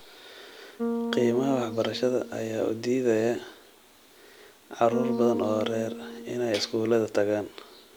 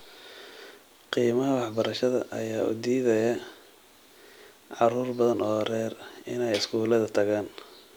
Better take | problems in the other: second | background sound (Bass guitar); 8 dB below the speech

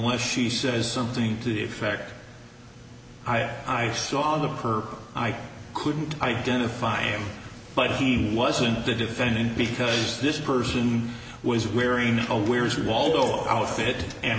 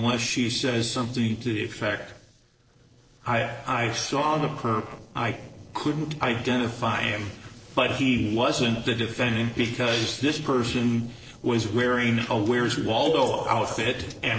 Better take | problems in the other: first | noise reduction (neural separator model SepFormer DNS4)

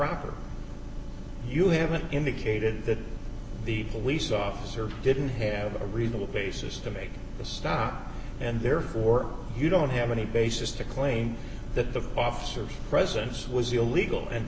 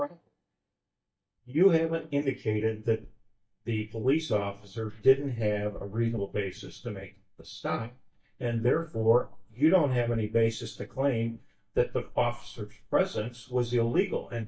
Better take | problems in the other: first | noise reduction (neural mask model DeepFilterNet 3)

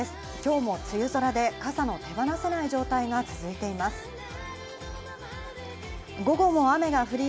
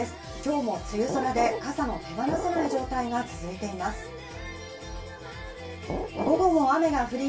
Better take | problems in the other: first | background sound (Glass); 6 dB below the speech // room echo; dies away in 0.2 s

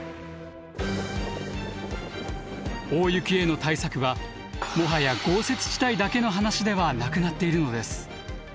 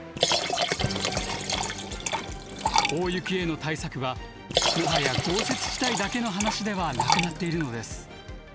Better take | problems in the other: first | background sound (Liquid); 1 dB above the speech

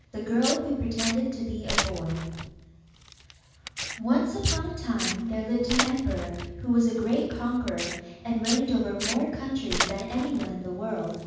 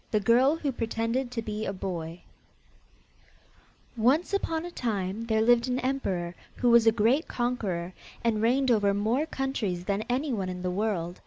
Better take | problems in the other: second | background sound (Tearing); 7 dB below the speech // room echo; dies away in 1.2 s

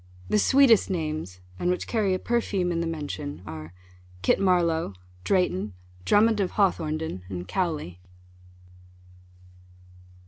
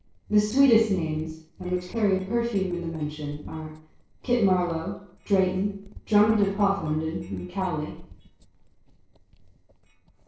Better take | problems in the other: first | noise reduction (neural separator model SepFormer DNS4)

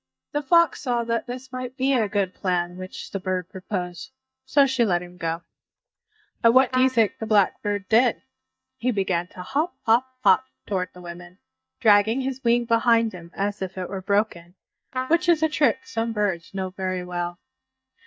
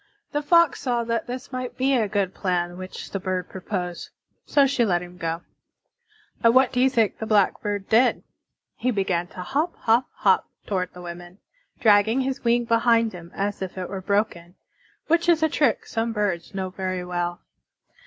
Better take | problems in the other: second | noise reduction (neural mask model DeepFilterNet 3)

